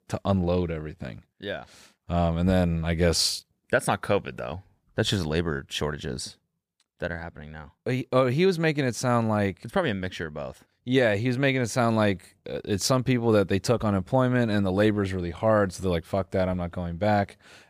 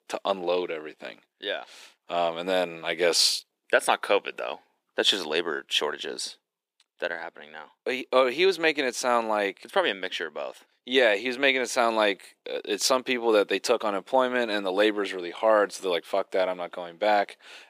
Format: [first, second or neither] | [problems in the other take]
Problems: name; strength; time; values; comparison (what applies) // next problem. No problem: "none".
first | thin; somewhat; fading below 300 Hz